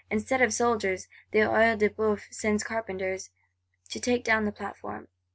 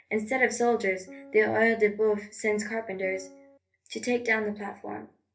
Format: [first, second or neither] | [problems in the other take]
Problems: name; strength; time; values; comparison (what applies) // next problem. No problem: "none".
first | background sound (Piano); 20 dB below the speech // room echo; dies away in 0.3 s